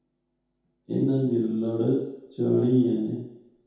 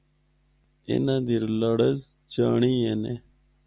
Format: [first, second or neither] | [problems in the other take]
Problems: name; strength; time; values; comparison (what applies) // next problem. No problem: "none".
second | room echo; dies away in 0.8 s